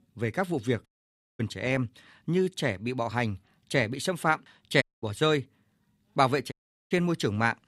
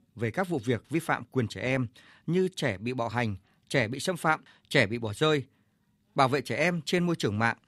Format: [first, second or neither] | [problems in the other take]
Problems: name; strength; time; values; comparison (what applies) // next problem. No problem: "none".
second | audio cutting out; at 1 s for 0.5 s, at 5 s and at 6.5 s